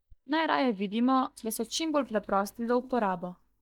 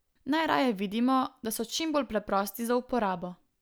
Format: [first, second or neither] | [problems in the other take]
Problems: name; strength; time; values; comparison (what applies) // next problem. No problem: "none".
second | noise reduction (neural mask model DeepFilterNet 3)